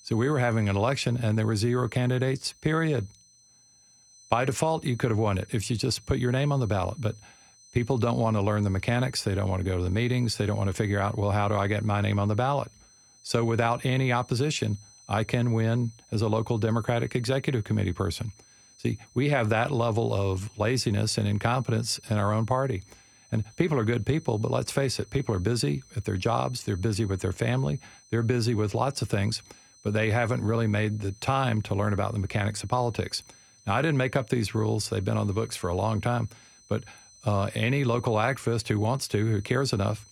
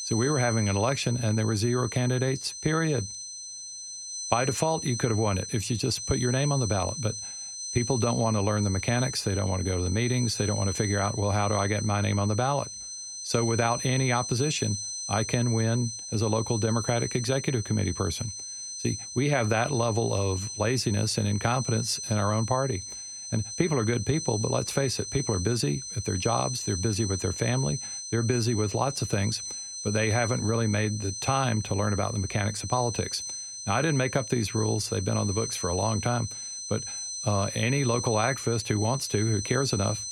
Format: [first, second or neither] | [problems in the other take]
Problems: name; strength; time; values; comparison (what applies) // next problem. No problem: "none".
first | high-pitched whine; loud; throughout; 6 kHz, 6 dB below the speech; faint in the first